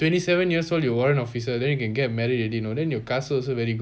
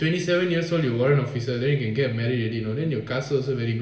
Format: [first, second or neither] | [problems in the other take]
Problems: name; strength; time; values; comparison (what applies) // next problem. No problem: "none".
first | room echo; dies away in 0.9 s